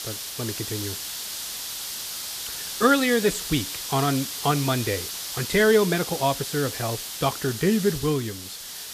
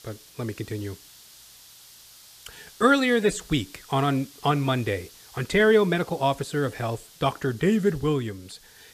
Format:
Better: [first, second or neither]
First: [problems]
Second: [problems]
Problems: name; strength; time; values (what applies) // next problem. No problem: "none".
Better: second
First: hiss; loud; throughout; 6 dB below the speech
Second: hiss; faint; throughout; 25 dB below the speech